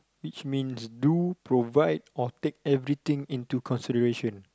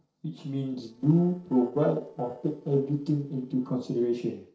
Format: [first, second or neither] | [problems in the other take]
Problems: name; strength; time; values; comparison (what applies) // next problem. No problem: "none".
first | noise reduction (neural separator model SepFormer DNS4)